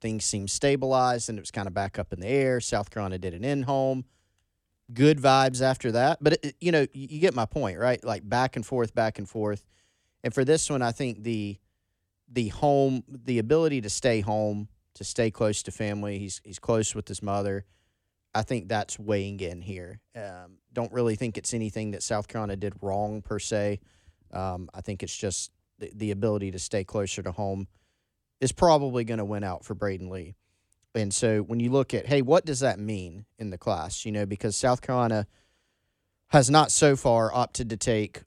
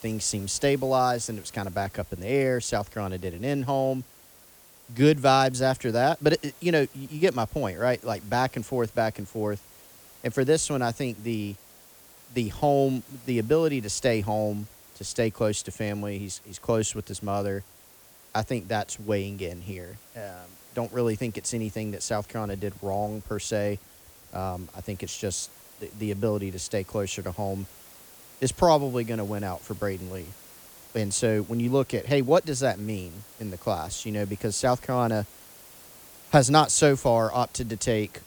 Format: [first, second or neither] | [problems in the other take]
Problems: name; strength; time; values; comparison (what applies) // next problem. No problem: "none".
first | hiss; faint; throughout; 20 dB below the speech